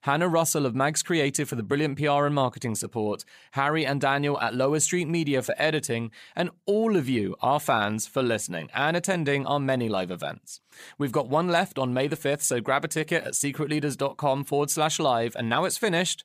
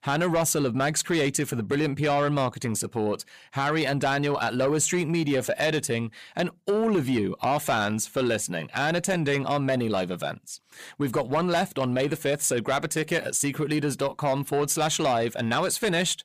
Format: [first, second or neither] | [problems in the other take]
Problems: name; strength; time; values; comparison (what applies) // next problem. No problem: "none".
first | distortion; slight; 10 dB below the speech